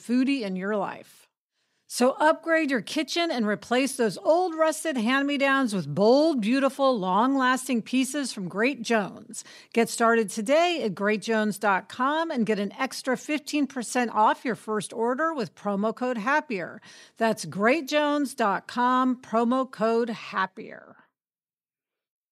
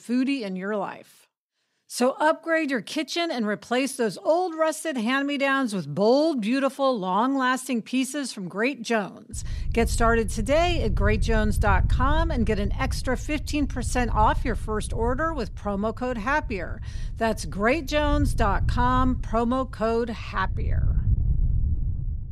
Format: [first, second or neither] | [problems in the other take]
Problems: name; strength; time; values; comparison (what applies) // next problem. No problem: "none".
first | wind noise on the microphone; occasional gusts; from 9.5 s on; 20 dB below the speech